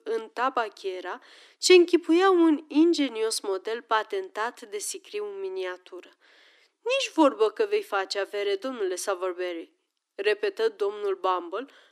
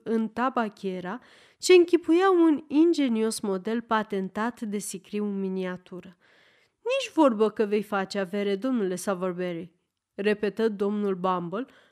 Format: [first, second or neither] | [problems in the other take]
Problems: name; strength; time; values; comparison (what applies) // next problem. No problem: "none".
second | thin; somewhat; fading below 300 Hz